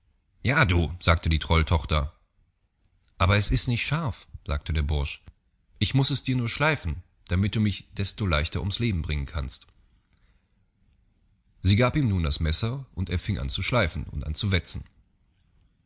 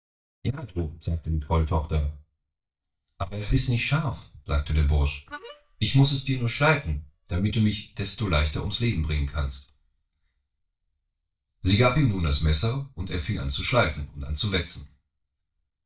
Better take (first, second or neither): first